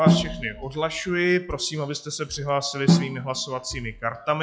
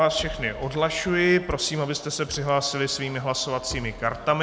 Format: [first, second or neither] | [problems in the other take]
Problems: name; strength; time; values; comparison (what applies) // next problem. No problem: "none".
second | noise reduction (classical method log-MMSE)